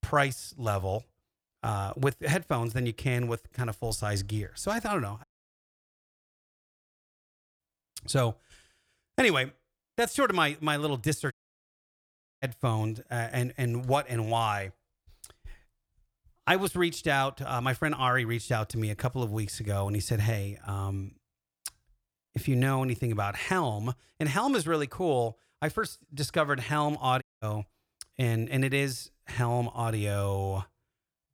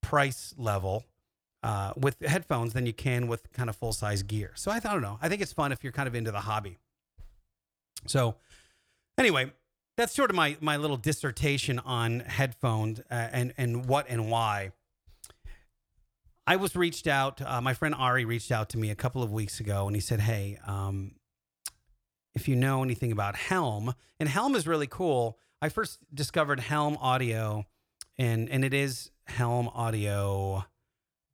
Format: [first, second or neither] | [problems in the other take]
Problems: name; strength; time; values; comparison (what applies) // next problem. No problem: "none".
second | audio cutting out; at 5 s for 2.5 s, at 11 s for 1 s and at 27 s